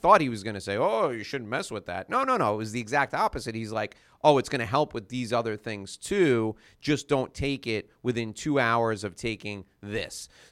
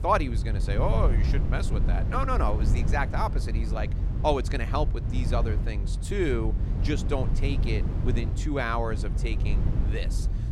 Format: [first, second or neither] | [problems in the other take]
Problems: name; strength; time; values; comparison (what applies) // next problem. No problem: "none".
first | low rumble; noticeable; throughout; 10 dB below the speech